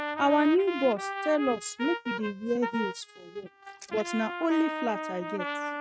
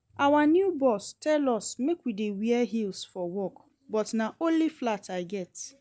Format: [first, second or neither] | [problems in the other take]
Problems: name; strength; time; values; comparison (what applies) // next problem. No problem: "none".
second | noise reduction (neural mask model RNNoise)